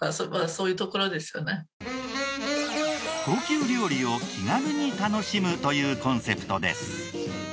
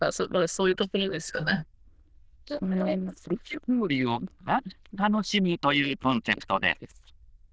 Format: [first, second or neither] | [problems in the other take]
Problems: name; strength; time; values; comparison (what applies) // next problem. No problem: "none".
first | noise reduction (neural diffusion model UNIVERSE++)